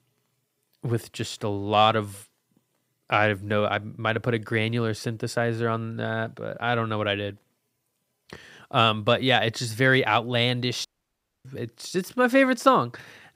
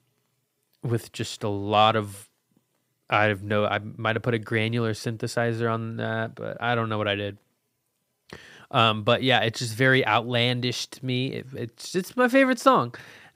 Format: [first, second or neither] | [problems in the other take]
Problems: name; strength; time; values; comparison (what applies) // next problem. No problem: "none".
second | audio cutting out; at 11 s for 0.5 s